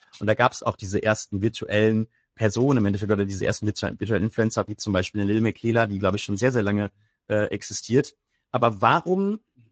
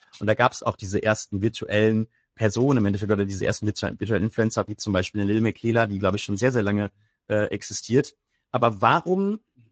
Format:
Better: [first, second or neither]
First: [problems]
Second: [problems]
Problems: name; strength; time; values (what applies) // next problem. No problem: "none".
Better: neither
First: garbled, watery; slightly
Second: garbled, watery; slightly